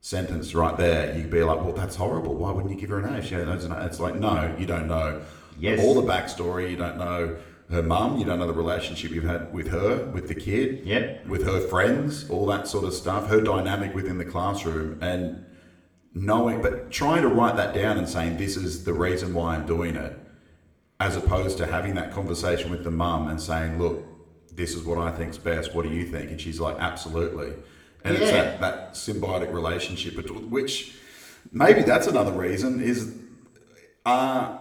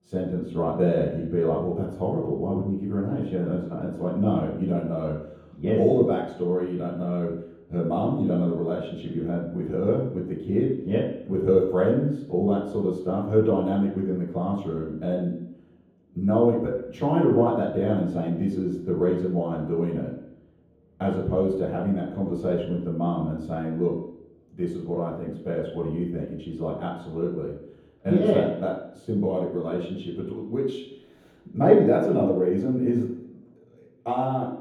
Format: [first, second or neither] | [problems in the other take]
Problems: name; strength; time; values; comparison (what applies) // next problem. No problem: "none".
first | room echo; strong; dies away in 0.9 s; slight in the first // off-mic speech; far; somewhat distant in the first